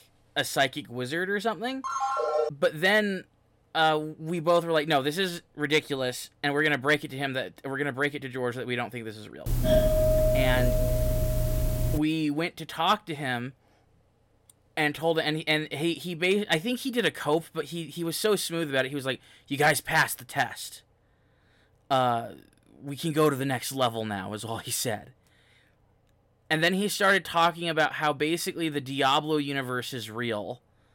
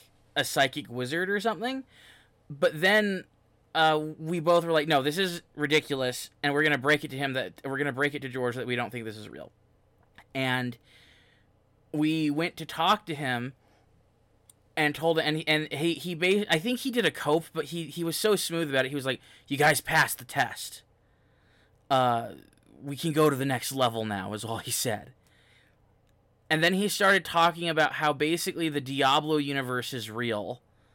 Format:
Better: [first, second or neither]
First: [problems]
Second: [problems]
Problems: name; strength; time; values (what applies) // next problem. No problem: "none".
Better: second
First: phone ringing; loud; at 2 s; peak level with the speech // doorbell; loud; from 9.5 to 12 s; peak 5 dB above the speech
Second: none